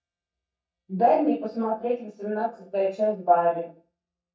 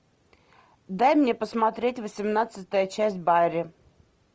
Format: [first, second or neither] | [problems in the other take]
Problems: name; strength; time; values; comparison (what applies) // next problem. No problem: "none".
second | noise reduction (neural mask model DeepFilterNet 3)